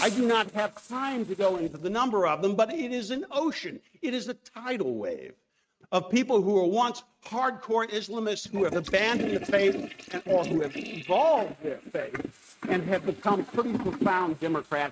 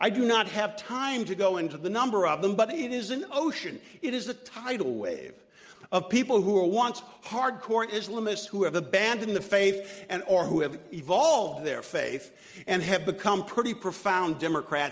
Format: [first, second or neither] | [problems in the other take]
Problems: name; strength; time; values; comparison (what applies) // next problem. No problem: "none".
second | noise reduction (neural mask model RNNoise)